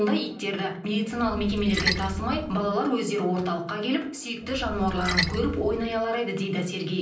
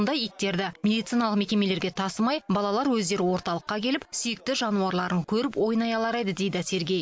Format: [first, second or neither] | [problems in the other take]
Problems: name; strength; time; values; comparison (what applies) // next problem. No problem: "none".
second | background sound (Splash, splatter); 5 dB below the speech // room echo; dies away in 0.6 s